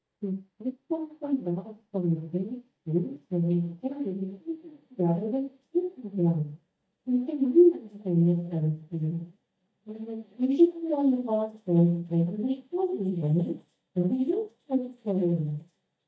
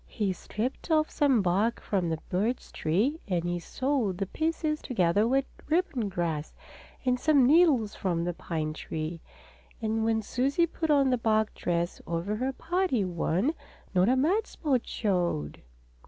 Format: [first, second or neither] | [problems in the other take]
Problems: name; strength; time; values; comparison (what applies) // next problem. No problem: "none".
second | noise reduction (neural mask model DeepFilterNet 3)